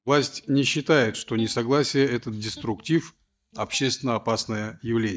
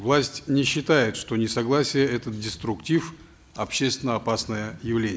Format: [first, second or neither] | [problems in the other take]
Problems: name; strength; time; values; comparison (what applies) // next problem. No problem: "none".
second | noise reduction (neural mask model DeepFilterNet 3)